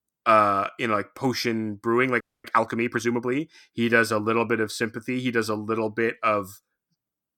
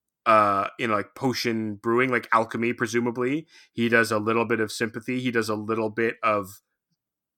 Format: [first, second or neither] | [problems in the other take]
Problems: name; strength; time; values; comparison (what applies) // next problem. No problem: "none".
second | audio freezing; at 2 s